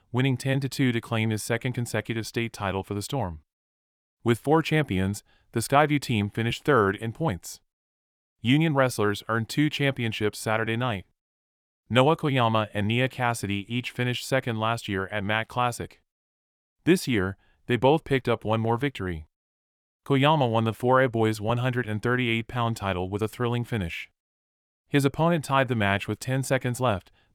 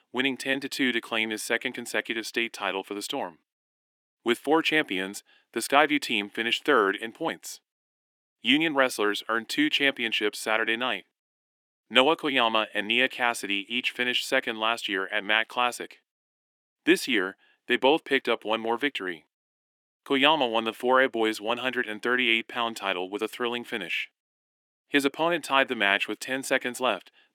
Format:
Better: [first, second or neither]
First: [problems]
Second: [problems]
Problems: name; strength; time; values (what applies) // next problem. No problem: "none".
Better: first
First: none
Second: thin; very slightly; fading below 300 Hz